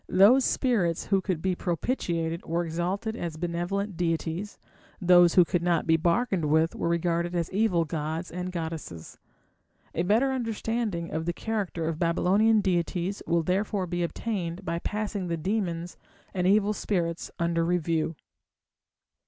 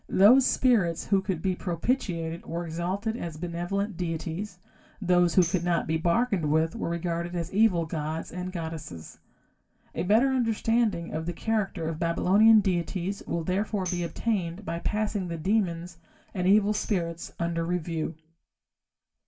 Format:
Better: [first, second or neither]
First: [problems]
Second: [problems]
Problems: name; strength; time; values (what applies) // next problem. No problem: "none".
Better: first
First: none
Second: background sound (Tambourine); 18 dB below the speech // room echo; dies away in 0.2 s